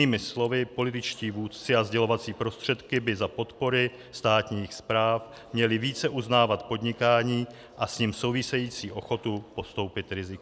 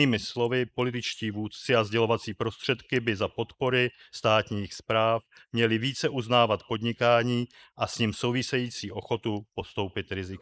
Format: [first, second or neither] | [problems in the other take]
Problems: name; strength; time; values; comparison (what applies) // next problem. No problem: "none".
first | noise reduction (neural mask model Resemble Enhance denoiser)